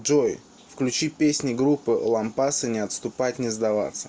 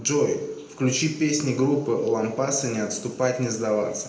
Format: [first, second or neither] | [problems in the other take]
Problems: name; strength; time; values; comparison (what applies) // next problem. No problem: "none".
first | room echo; dies away in 0.7 s